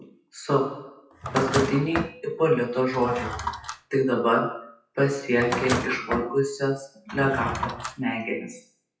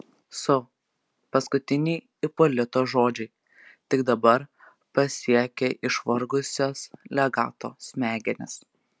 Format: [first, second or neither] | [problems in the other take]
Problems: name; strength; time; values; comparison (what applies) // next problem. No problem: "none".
second | noise reduction (classical method WPE with log-MMSE)